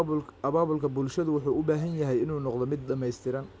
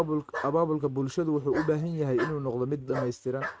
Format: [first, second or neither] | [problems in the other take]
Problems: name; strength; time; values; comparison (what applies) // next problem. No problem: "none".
first | noise reduction (neural mask model RNNoise)